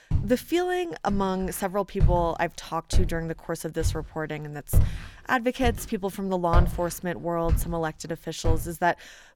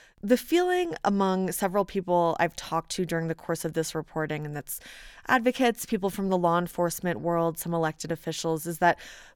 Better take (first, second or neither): second